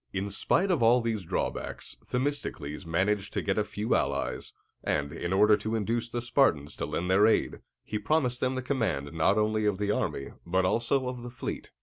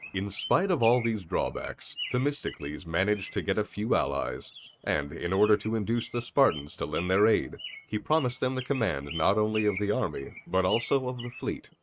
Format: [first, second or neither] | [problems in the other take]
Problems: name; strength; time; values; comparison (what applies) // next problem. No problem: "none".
first | noise reduction (neural mask model RNNoise)